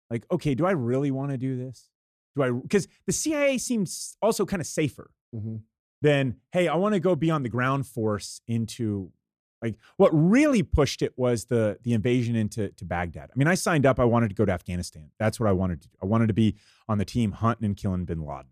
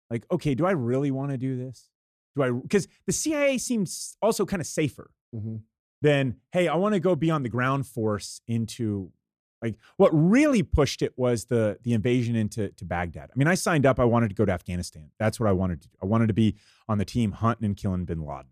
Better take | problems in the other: neither | none

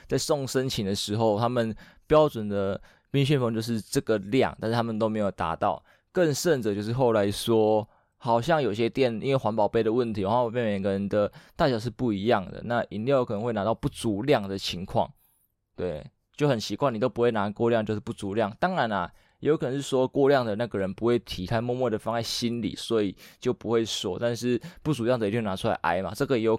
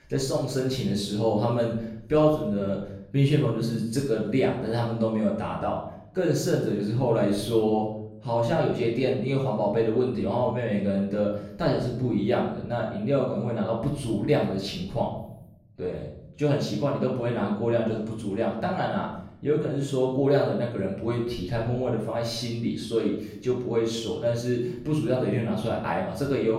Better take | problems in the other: first | off-mic speech; far // room echo; noticeable; dies away in 0.8 s

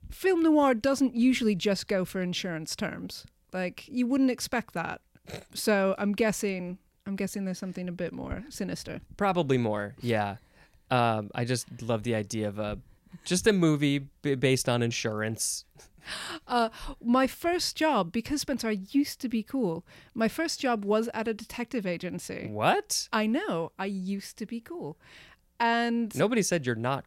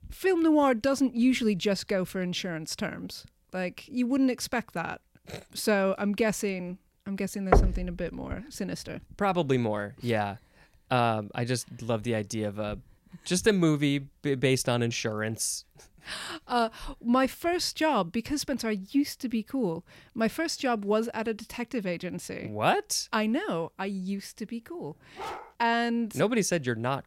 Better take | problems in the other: first | door banging; loud; at 7.5 s; peak 4 dB above the speech // dog barking; faint; at 25 s; peak 10 dB below the speech

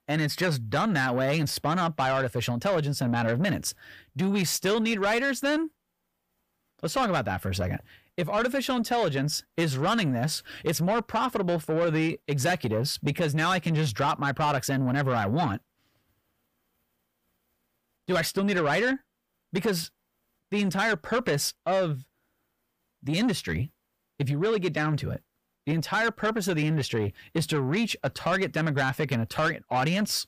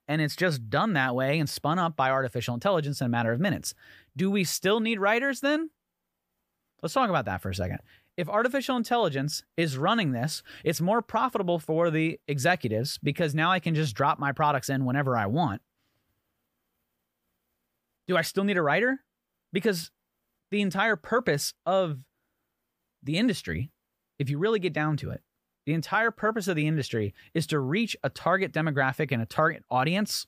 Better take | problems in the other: second | distortion; slight; 10 dB below the speech

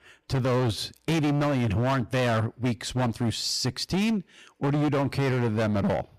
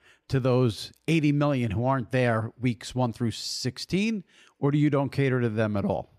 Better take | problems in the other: second | distortion; heavy; 23% of the sound clipped

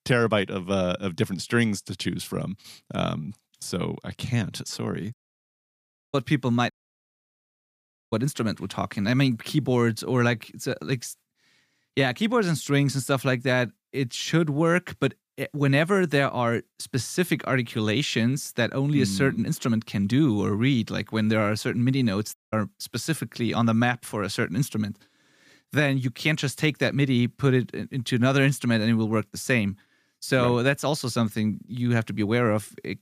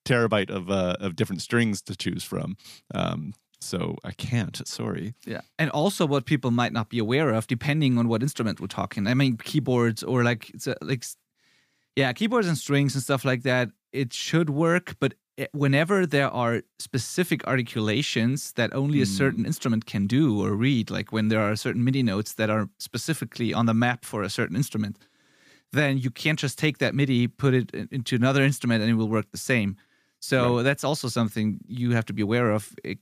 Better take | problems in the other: second | audio cutting out; at 5 s for 1 s, at 6.5 s for 1.5 s and at 22 s

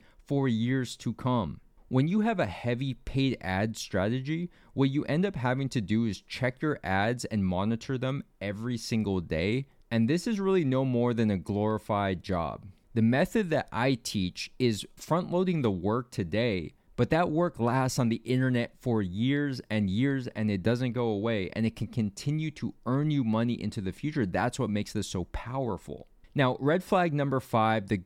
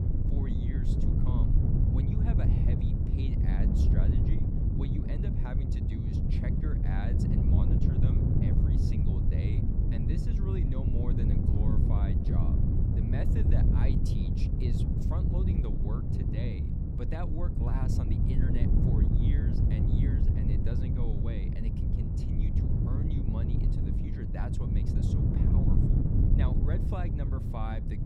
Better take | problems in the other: first | wind noise on the microphone; heavy; 5 dB above the speech

